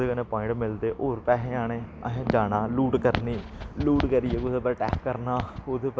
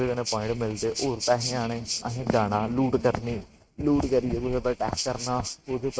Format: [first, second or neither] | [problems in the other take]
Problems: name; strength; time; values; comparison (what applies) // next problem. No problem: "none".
first | noise reduction (neural mask model RNNoise)